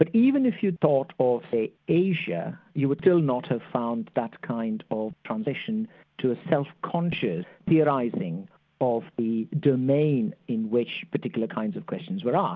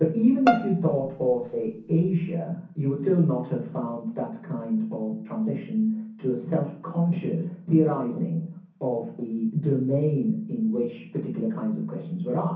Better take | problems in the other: first | background sound (Bowed string instrument); 5 dB below the speech // room echo; dies away in 0.6 s

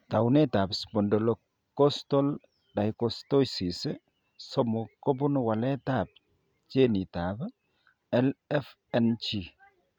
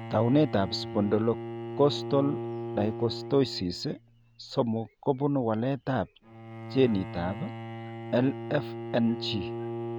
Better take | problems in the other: first | background sound (Bowed string instrument); 9 dB below the speech

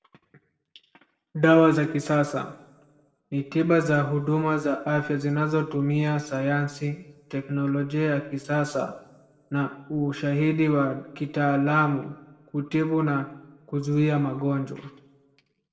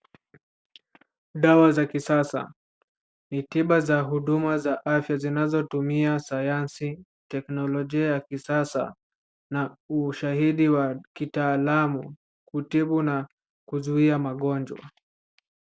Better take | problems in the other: second | room echo; dies away in 0.7 s

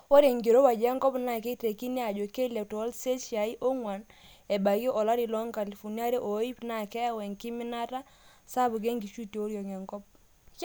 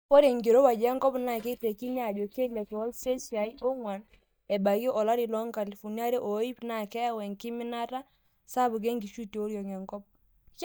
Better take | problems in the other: first | noise reduction (neural mask model DeepFilterNet 3)

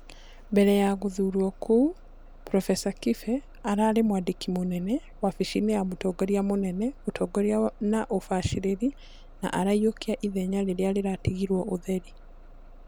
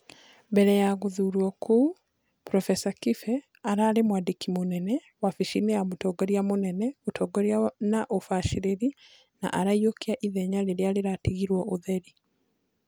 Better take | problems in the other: second | background sound (Bus); 19 dB below the speech

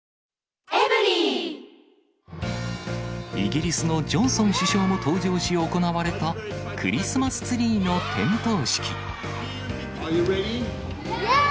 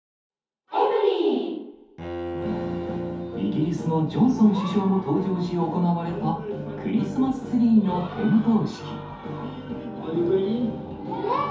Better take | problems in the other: first | background sound (Bowed string instrument); 11 dB below the speech // room echo; dies away in 0.5 s

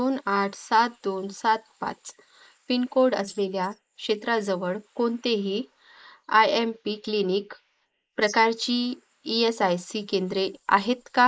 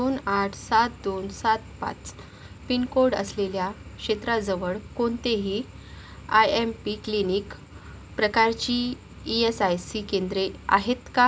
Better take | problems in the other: second | noise reduction (neural mask model Resemble Enhance denoiser)

